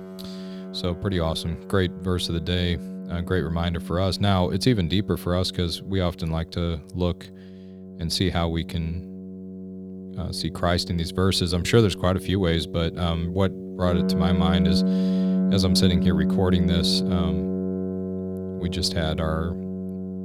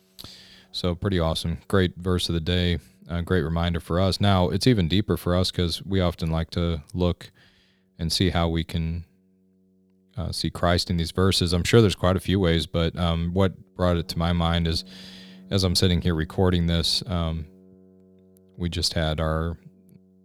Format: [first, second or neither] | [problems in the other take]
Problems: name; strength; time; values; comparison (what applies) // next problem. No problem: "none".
second | background music; loud; throughout; 4 dB below the speech; faint in the second